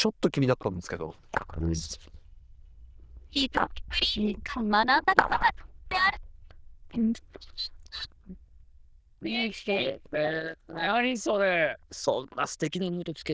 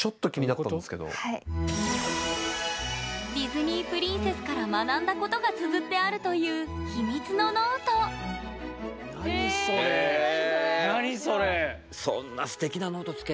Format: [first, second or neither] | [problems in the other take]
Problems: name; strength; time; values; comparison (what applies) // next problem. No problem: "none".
second | noise reduction (neural diffusion model UNIVERSE++)